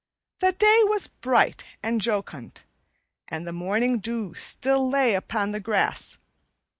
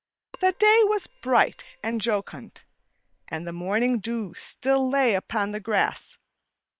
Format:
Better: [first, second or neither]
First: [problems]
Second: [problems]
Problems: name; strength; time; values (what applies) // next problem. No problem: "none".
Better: first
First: none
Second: noise reduction (neural separator model SepFormer WHAM!)